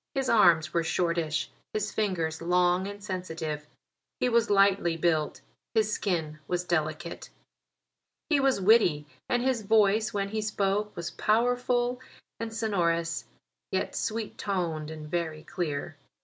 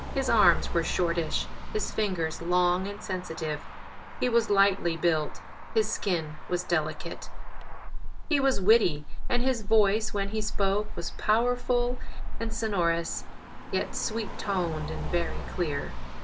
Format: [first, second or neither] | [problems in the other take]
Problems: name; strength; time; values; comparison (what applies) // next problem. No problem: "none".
first | background sound (Motor vehicle (road)); as loud as the speech